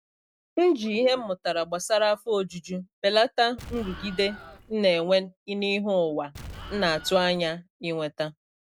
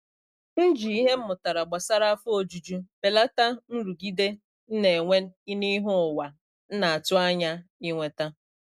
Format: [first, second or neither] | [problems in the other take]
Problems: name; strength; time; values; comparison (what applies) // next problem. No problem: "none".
second | background sound (Explosion); 15 dB below the speech